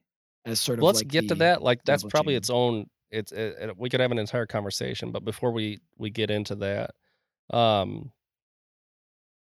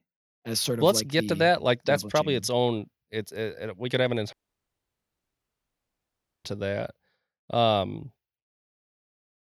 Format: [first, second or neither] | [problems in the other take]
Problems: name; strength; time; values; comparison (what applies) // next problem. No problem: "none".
first | audio cutting out; at 4.5 s for 2 s